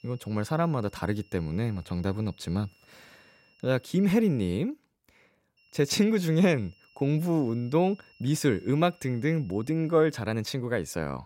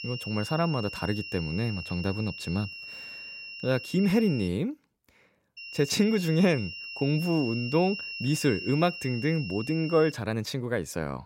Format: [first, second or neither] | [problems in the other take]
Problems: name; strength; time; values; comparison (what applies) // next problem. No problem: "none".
first | high-pitched whine; loud; until 4.5 s and from 5.5 to 10 s; 3 kHz, 9 dB below the speech; faint in the first